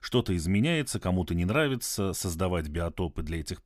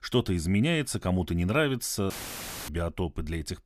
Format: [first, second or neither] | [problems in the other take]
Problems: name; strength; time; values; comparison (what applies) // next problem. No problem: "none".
first | audio cutting out; filled with static; at 2 s for 0.5 s